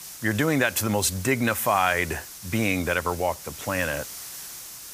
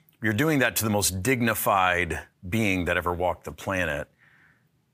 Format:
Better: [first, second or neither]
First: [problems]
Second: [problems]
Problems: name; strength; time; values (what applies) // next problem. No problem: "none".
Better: second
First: hiss; noticeable; throughout; 15 dB below the speech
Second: none